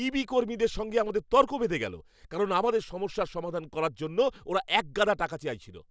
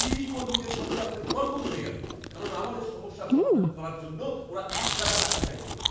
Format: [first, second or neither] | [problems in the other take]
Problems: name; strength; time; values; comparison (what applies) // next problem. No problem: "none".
first | background sound (Chewing, mastication); 4 dB above the speech // room echo; dies away in 1.2 s